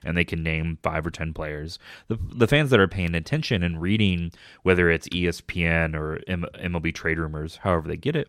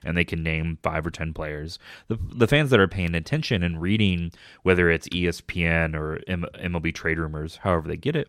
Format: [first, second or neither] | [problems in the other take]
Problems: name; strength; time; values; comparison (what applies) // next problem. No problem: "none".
neither | none